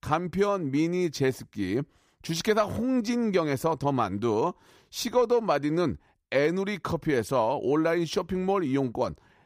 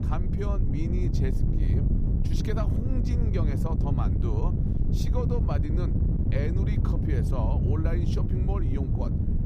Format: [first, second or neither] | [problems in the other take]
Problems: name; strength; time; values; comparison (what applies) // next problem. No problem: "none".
first | wind noise on the microphone; heavy; as loud as the speech